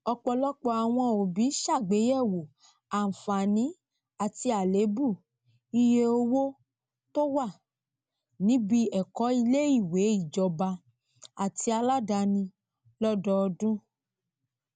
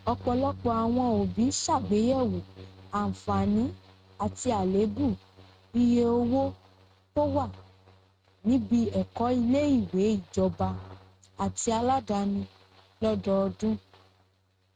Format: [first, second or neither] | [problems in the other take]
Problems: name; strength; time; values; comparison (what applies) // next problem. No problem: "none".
first | noise reduction (neural mask model RNNoise)